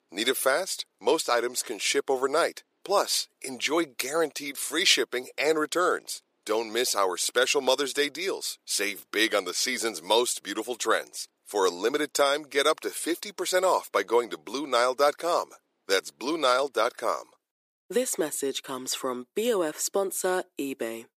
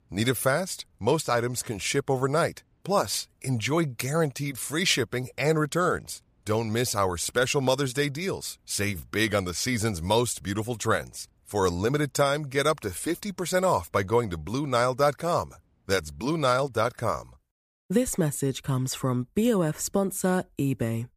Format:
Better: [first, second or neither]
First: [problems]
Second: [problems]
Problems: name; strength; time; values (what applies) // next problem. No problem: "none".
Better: second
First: thin; somewhat; fading below 350 Hz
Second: none